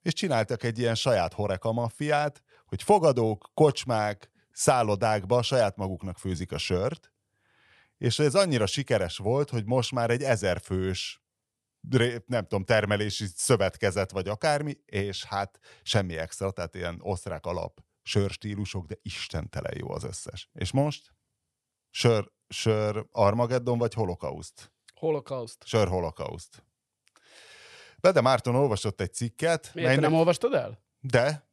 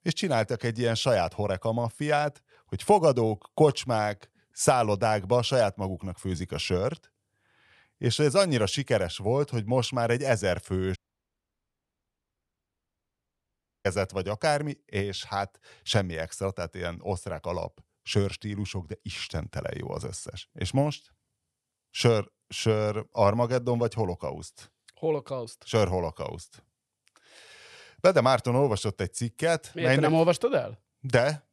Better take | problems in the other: first | audio cutting out; at 11 s for 3 s

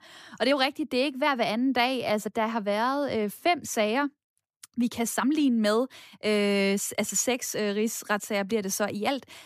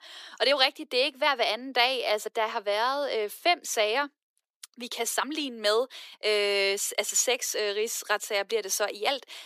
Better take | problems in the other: first | thin; very; fading below 400 Hz

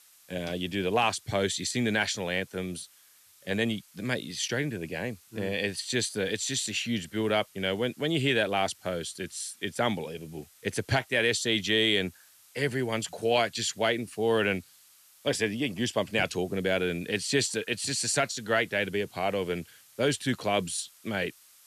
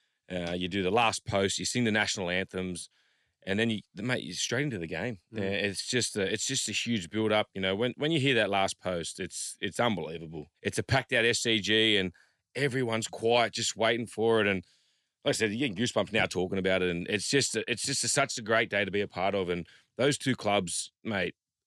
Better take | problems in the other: second | hiss; faint; throughout; 25 dB below the speech

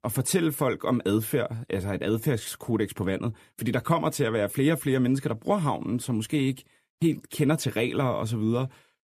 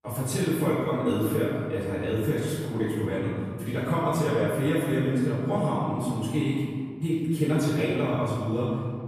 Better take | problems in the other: first | off-mic speech; far // room echo; strong; dies away in 1.9 s

